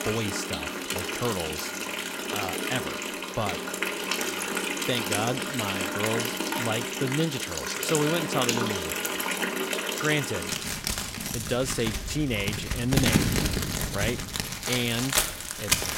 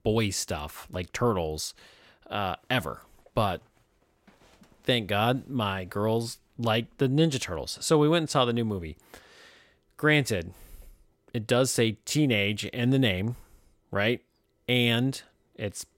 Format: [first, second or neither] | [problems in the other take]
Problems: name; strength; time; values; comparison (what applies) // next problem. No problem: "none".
second | household noises; very loud; throughout; 2 dB above the speech